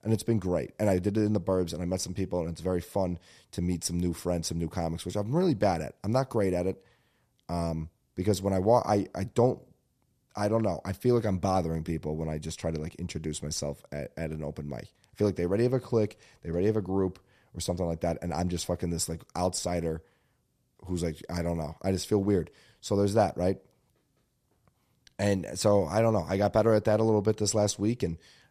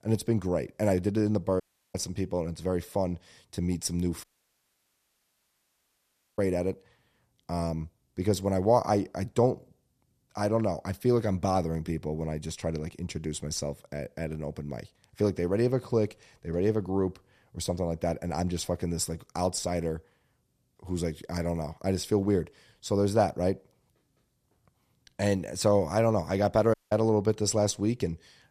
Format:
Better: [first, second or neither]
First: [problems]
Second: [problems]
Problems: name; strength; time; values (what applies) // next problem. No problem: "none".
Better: first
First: none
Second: audio cutting out; at 1.5 s, at 4 s for 2 s and at 27 s